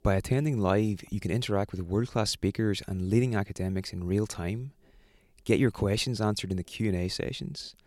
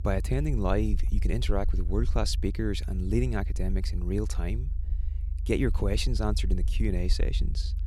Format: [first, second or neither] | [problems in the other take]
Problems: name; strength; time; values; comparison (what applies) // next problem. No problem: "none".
first | low rumble; noticeable; throughout; 20 dB below the speech